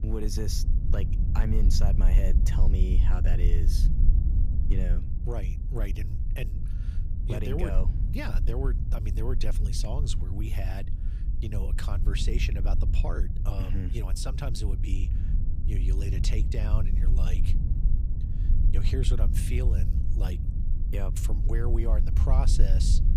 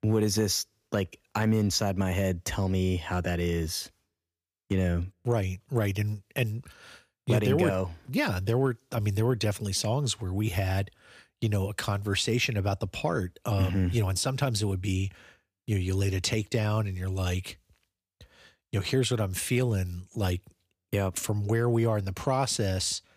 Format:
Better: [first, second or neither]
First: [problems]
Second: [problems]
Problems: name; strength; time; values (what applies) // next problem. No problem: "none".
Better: second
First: low rumble; loud; throughout; 6 dB below the speech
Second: none